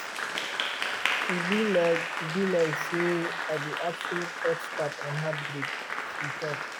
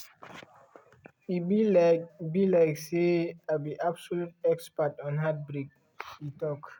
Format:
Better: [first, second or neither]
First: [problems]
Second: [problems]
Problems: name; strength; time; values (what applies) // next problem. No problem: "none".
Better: second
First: background sound (Applause); 1 dB below the speech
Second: none